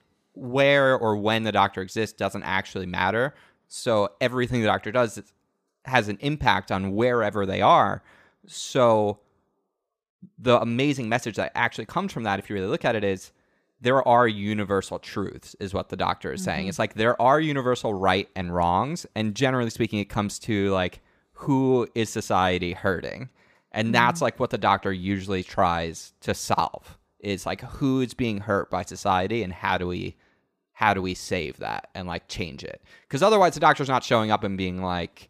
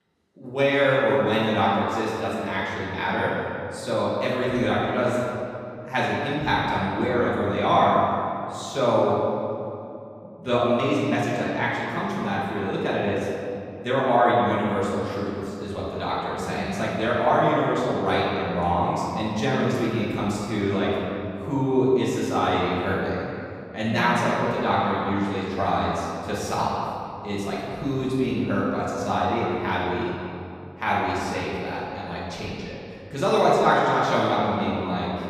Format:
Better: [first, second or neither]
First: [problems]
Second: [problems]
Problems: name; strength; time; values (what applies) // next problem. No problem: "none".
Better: first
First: none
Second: room echo; strong; dies away in 2.4 s // off-mic speech; far